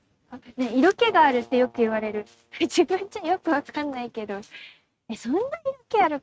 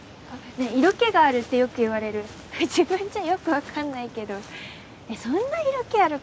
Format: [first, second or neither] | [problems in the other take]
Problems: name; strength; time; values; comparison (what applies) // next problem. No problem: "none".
second | noise reduction (neural mask model RNNoise)